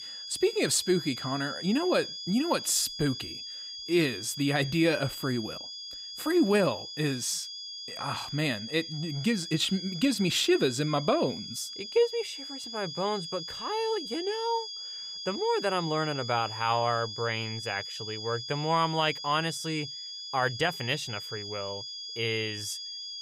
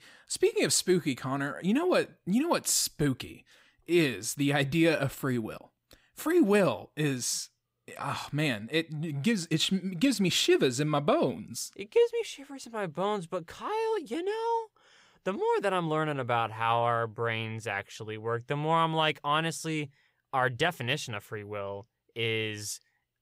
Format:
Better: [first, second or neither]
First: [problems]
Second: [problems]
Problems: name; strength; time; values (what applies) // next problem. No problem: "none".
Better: second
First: high-pitched whine; loud; throughout; 5 kHz, 8 dB below the speech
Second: none